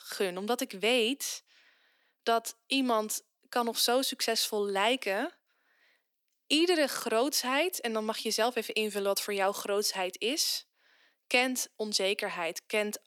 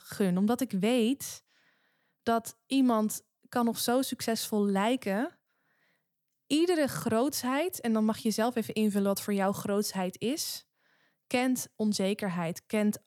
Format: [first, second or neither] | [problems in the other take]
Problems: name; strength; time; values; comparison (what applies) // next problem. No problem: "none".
second | thin; somewhat; fading below 300 Hz